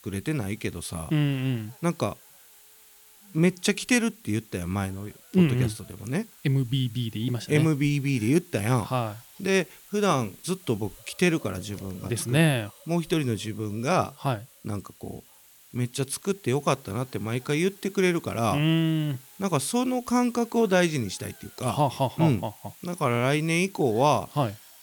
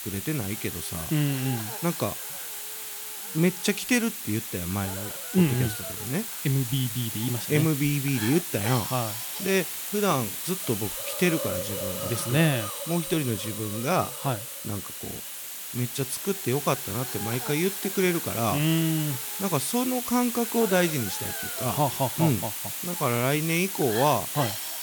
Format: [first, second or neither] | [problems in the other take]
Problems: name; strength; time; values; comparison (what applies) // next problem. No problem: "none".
first | hiss; loud; throughout; 4 dB below the speech; faint in the first